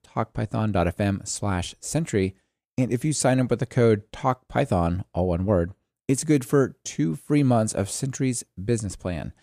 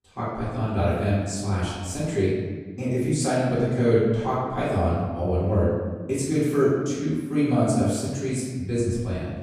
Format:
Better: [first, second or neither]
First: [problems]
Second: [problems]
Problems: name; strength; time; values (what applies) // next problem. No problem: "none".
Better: first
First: none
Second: room echo; strong; dies away in 1.3 s // off-mic speech; far